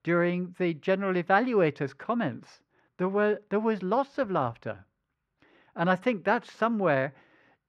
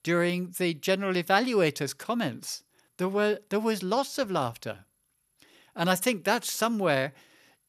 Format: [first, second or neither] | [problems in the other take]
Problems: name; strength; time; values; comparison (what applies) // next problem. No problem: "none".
second | muffled; very; fading above 1.5 kHz